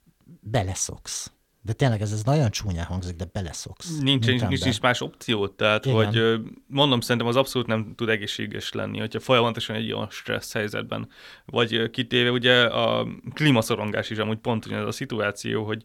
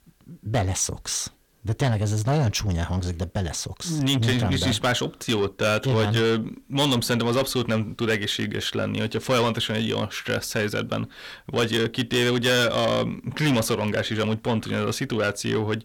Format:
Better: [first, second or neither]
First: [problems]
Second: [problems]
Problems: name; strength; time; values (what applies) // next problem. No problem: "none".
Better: first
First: none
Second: distortion; heavy; 8 dB below the speech